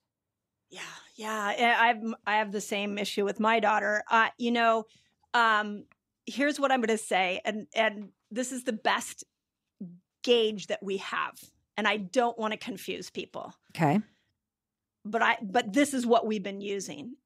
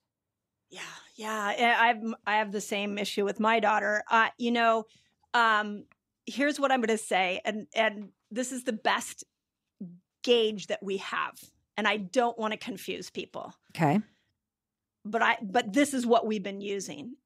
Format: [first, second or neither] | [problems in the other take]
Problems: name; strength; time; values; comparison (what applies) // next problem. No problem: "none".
neither | none